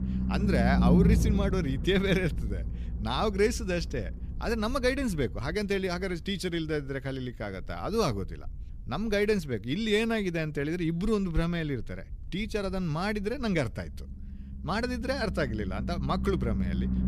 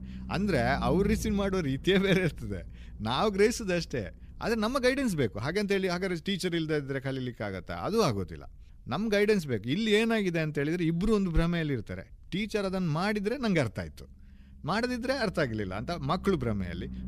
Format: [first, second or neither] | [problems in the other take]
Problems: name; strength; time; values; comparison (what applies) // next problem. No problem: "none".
second | low rumble; loud; throughout; 9 dB below the speech; faint in the second